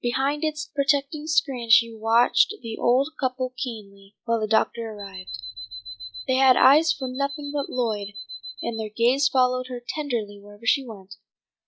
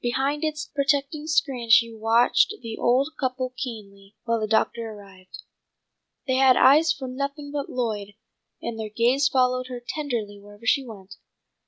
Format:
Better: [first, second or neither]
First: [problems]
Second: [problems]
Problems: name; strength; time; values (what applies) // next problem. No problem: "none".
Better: second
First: noise reduction (classical method log-MMSE)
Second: none